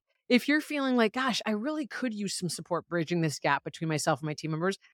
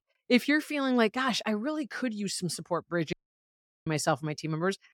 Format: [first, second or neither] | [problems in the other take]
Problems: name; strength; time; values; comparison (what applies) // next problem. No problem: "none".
first | audio cutting out; at 3 s for 0.5 s